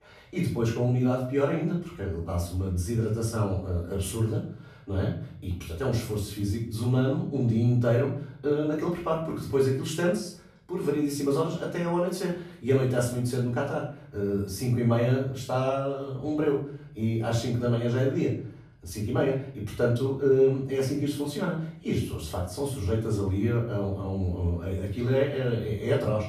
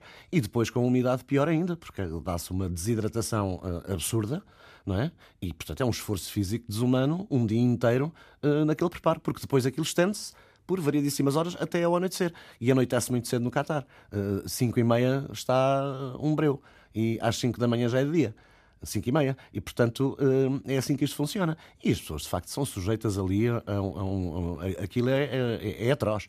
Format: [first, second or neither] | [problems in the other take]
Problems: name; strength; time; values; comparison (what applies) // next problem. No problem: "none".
second | off-mic speech; far // room echo; noticeable; dies away in 0.5 s